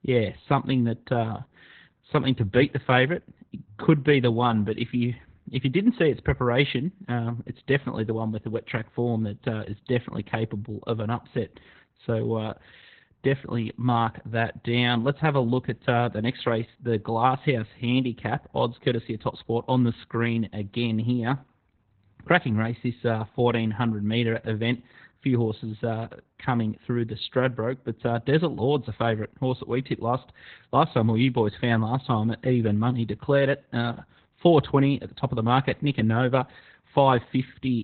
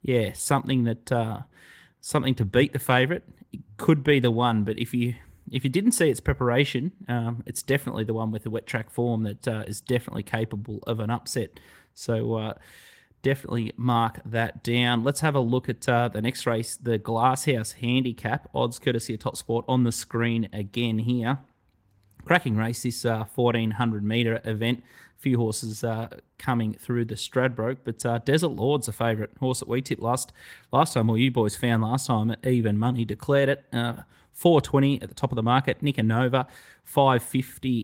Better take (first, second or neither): second